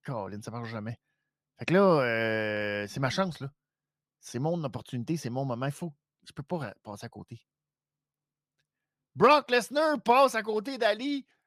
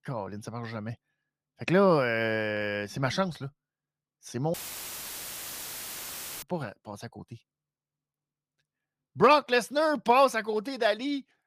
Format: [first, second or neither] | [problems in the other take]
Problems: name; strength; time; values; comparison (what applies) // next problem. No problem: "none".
first | audio cutting out; filled with static; at 4.5 s for 2 s